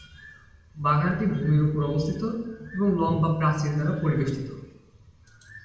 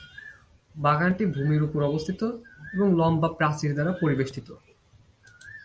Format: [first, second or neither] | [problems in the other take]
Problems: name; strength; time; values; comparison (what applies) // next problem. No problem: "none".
second | room echo; dies away in 0.9 s